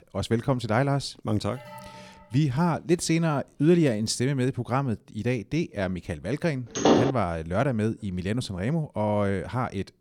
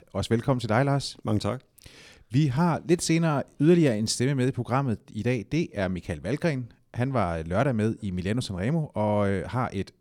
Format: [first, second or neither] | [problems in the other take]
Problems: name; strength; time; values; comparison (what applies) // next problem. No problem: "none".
second | alarm; faint; at 1.5 s; peak 15 dB below the speech // door banging; loud; at 7 s; peak 5 dB above the speech